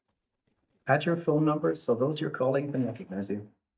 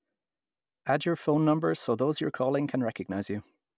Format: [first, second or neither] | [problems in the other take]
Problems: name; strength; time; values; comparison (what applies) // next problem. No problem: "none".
second | noise reduction (neural mask model DeepFilterNet 3)